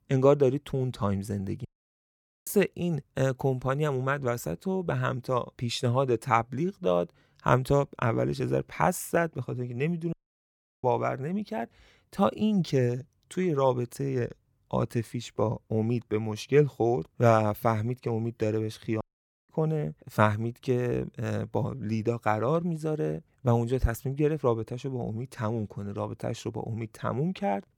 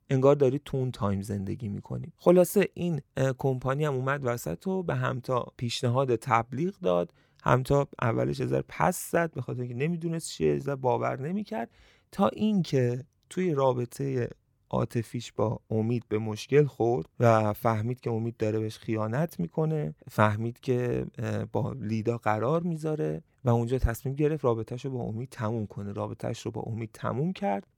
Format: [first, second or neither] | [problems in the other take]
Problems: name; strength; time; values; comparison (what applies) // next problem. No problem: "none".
second | audio cutting out; at 1.5 s for 1 s, at 10 s for 0.5 s and at 19 s